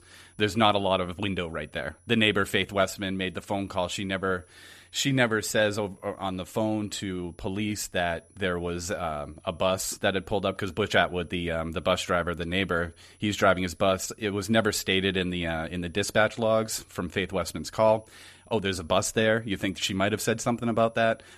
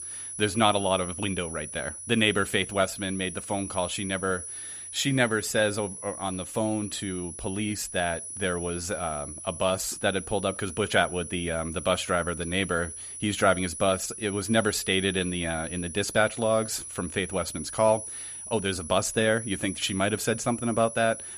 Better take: first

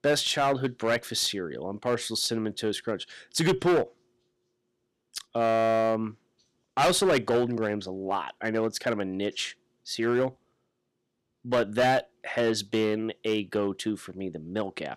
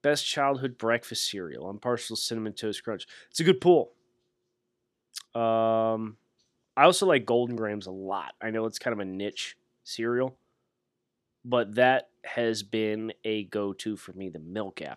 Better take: second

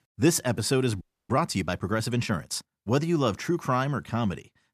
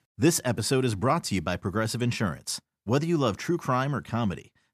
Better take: second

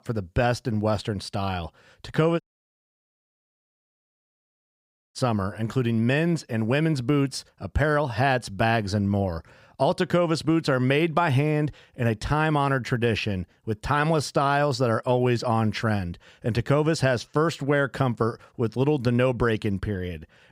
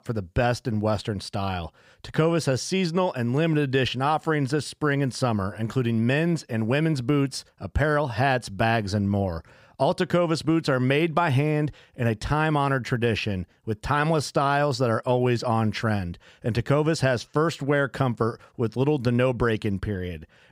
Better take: second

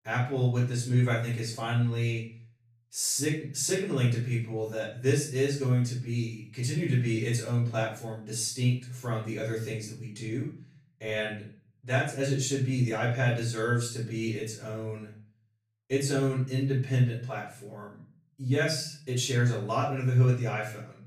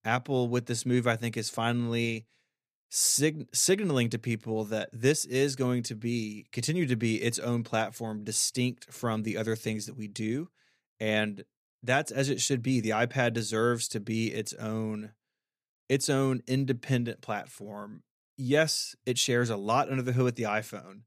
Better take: second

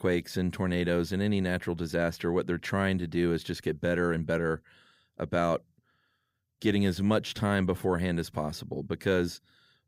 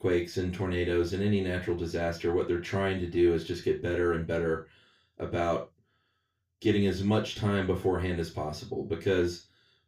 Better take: first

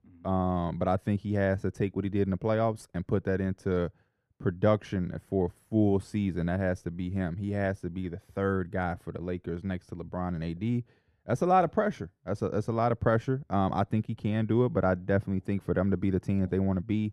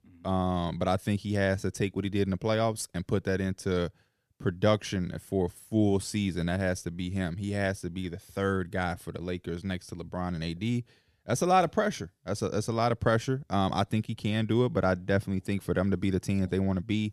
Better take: second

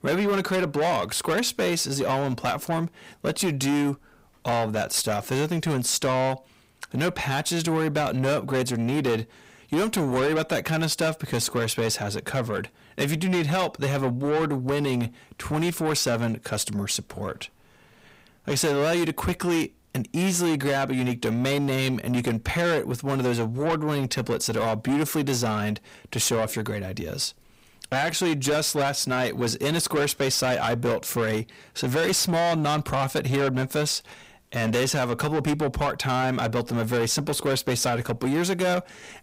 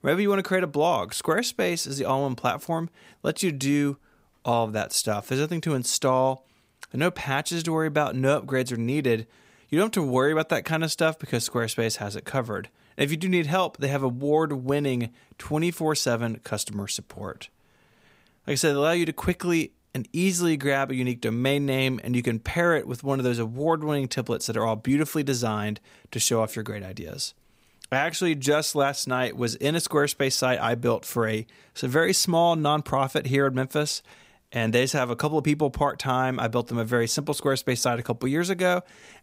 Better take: second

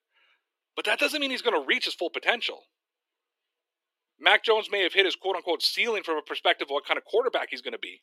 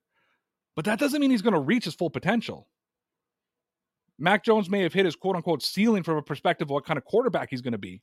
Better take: second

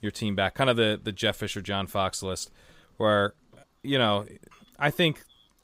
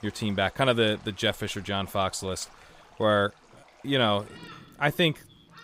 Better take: first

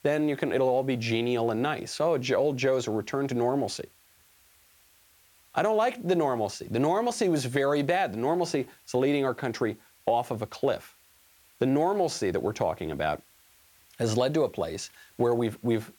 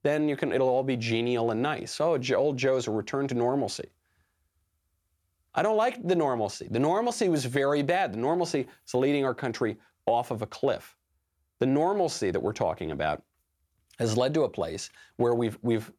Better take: second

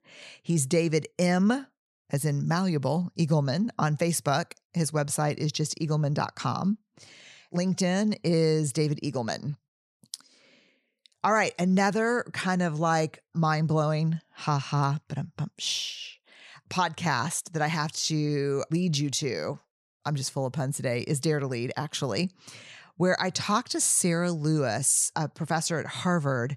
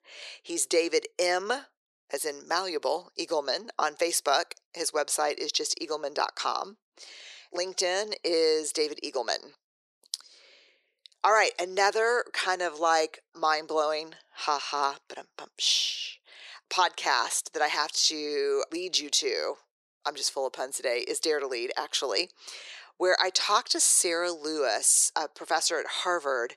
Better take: first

